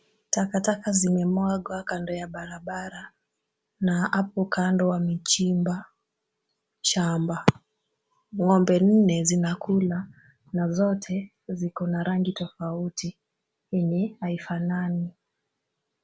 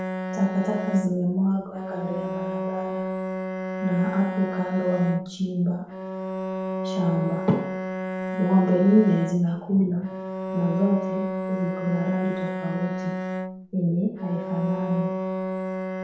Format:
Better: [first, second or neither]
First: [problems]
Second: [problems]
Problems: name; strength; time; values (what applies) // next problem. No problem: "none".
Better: first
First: none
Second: background sound (Bowed string instrument); 4 dB below the speech // room echo; dies away in 0.8 s